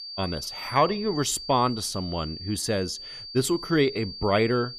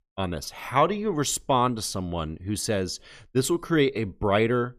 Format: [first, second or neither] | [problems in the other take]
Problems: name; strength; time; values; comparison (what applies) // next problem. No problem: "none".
second | high-pitched whine; noticeable; throughout; 4.5 kHz, 10 dB below the speech